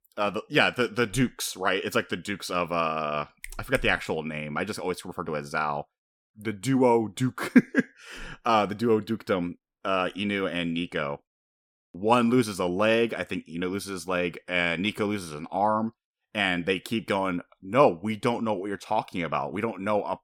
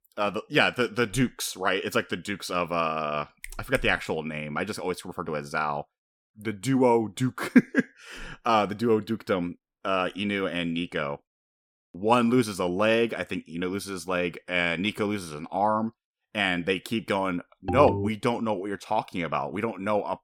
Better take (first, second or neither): first